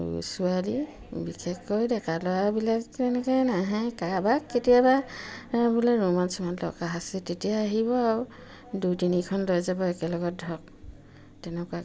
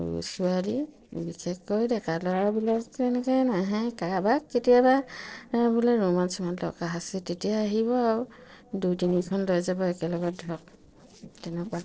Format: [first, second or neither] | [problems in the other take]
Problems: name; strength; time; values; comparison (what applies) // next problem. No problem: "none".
first | noise reduction (neural separator model SepFormer DNS4)